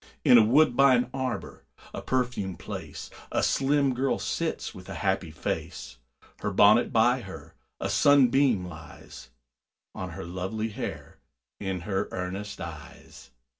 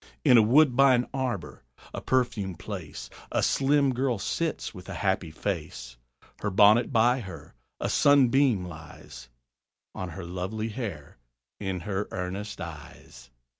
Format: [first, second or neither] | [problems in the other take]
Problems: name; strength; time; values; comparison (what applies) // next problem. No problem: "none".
second | room echo; dies away in 0.2 s